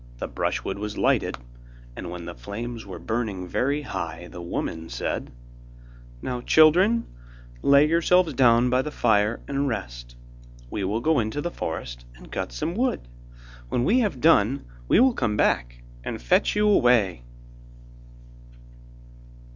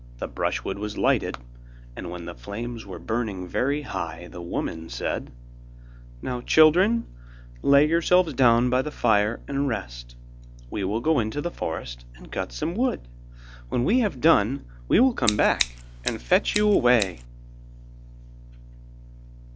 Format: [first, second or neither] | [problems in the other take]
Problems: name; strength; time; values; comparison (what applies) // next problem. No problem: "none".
first | background sound (Scissors); 7 dB below the speech